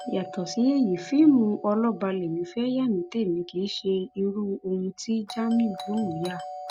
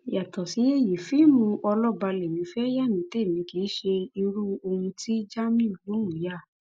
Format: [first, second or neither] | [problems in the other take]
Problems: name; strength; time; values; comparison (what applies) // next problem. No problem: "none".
second | background sound (Doorbell); 17 dB below the speech